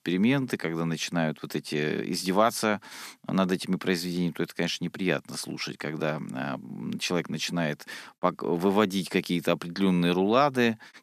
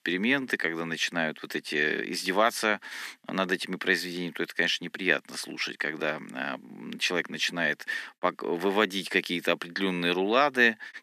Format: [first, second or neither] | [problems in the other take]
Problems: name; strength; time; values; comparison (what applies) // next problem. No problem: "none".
first | thin; somewhat; fading below 300 Hz